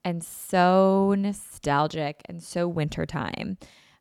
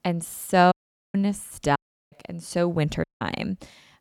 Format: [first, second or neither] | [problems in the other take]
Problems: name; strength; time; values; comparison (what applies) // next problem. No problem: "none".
first | audio cutting out; at 0.5 s, at 2 s and at 3 s